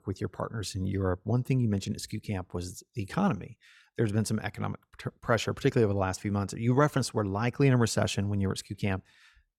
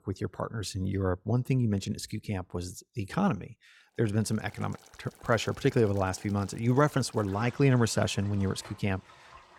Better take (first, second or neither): first